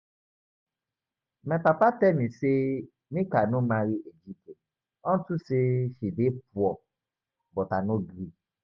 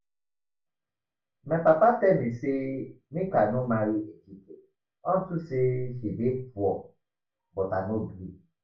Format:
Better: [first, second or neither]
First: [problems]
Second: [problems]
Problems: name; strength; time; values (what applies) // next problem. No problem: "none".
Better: first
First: none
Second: room echo; dies away in 0.3 s